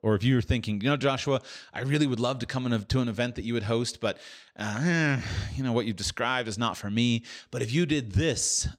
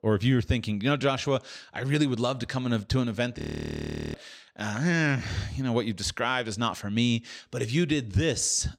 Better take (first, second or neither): first